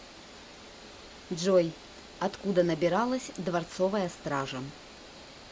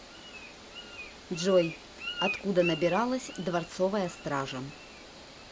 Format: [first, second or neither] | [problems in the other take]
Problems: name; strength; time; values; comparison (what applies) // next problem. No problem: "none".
first | background sound (Bird); 11 dB below the speech